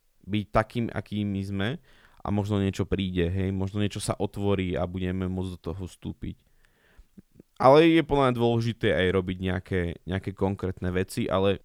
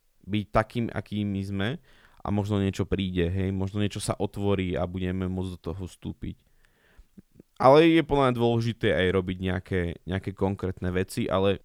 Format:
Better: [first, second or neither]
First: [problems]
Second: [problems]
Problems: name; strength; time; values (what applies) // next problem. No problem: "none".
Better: neither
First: none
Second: none